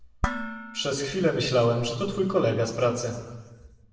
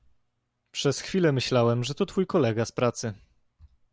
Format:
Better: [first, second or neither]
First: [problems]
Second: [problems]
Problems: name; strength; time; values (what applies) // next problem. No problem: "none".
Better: second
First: background sound (Dishes, pots, and pans); 11 dB below the speech // room echo; dies away in 1.1 s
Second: none